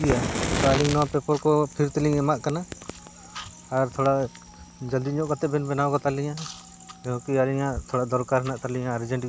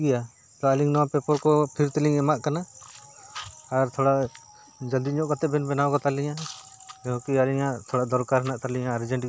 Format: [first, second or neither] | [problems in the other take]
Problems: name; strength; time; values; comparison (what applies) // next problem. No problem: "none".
second | background sound (Fire); 9 dB below the speech